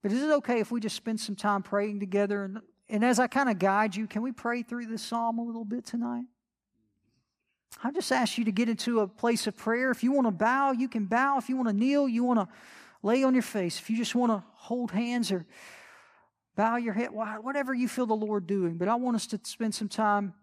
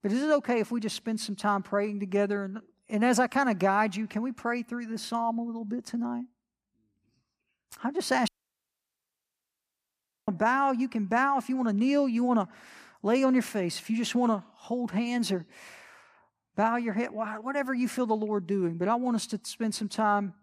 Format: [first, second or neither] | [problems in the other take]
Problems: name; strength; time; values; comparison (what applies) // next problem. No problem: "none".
first | audio cutting out; at 8.5 s for 2 s